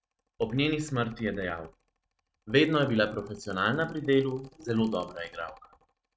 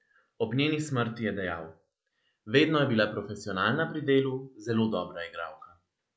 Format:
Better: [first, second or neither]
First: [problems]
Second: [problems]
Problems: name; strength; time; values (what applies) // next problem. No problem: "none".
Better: second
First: noise reduction (neural mask model RNNoise)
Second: none